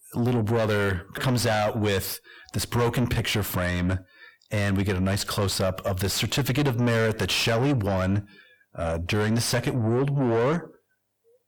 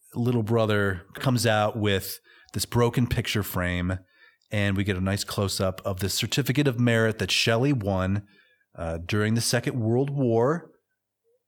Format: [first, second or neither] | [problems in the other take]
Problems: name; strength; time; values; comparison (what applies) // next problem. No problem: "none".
second | distortion; heavy; 5 dB below the speech